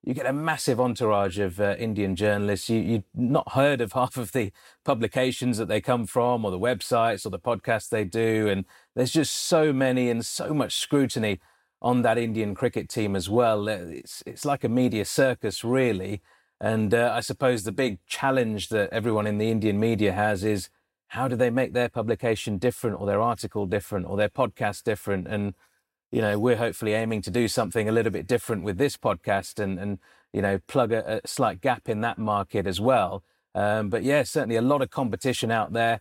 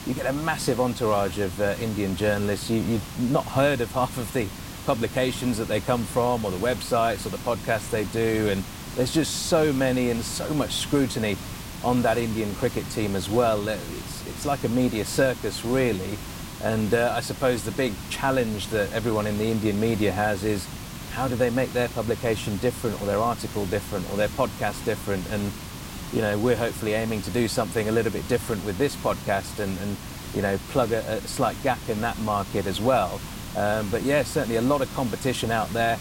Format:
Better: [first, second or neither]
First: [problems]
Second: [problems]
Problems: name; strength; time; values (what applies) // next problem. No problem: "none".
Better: first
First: none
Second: hiss; noticeable; throughout; 10 dB below the speech